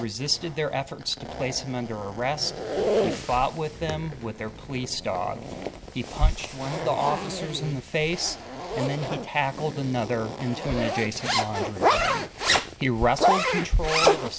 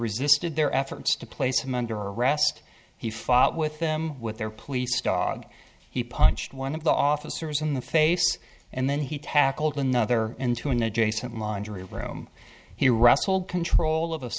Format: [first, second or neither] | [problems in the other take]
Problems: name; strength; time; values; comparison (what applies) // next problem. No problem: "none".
second | background sound (Zipper (clothing)); 1 dB below the speech